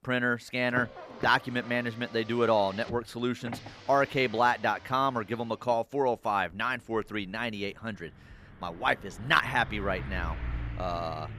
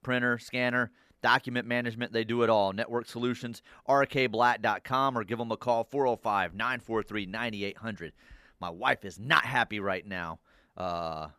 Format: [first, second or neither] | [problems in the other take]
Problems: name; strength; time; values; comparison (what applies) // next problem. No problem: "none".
second | traffic noise; noticeable; throughout; 15 dB below the speech